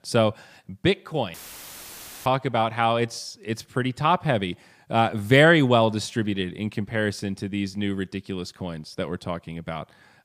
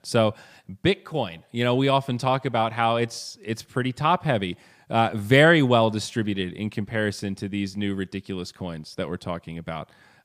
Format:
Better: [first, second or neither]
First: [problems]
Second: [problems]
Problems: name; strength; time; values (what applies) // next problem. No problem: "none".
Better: second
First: audio cutting out; filled with static; at 1.5 s for 1 s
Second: none